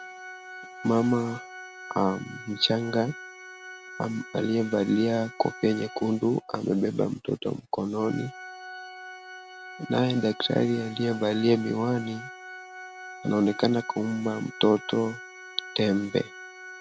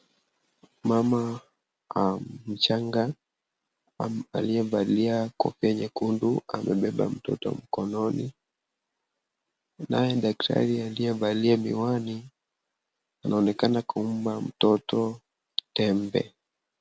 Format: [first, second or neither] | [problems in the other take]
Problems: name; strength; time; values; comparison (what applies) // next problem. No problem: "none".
second | background sound (Organ); 15 dB below the speech